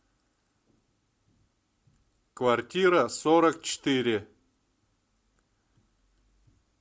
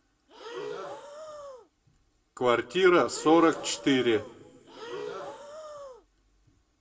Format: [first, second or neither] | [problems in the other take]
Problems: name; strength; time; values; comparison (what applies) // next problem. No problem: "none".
first | background sound (Breathing); 12 dB below the speech // room echo; dies away in 1.1 s